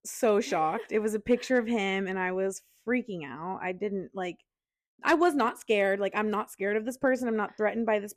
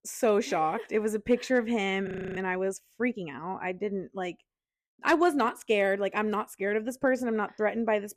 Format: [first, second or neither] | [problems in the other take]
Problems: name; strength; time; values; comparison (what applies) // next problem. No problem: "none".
first | audio freezing; at 2 s